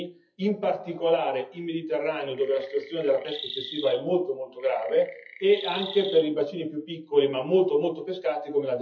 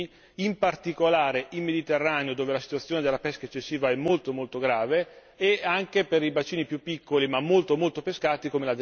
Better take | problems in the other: second | noise reduction (classical method WPE with log-MMSE)

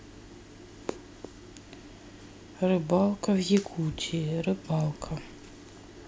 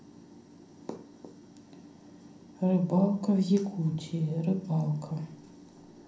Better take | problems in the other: first | room echo; dies away in 0.6 s

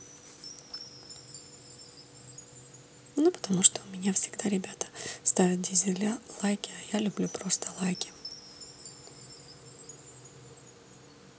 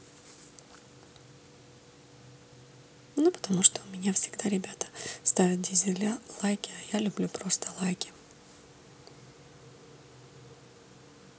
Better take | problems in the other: second | background sound (Chime); 20 dB below the speech

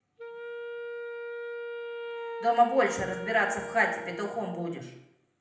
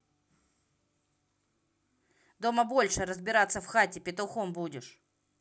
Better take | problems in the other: second | background sound (Wind instrument, woodwind instrument); 8 dB below the speech // room echo; dies away in 0.8 s

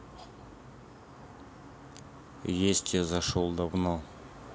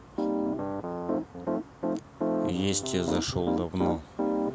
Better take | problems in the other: first | background sound (Piano); 3 dB above the speech

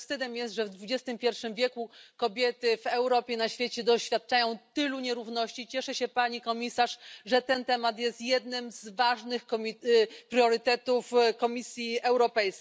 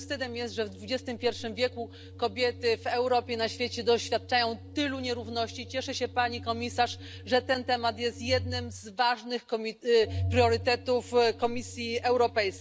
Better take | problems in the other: first | background sound (Organ); 12 dB below the speech

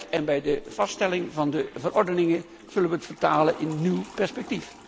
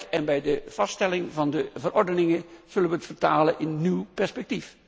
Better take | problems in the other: second | background sound (Toilet flush / Water); 20 dB below the speech

